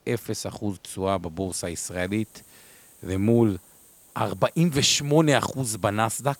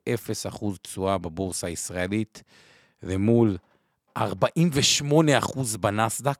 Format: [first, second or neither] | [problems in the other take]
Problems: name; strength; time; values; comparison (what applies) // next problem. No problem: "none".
second | hiss; faint; throughout; 25 dB below the speech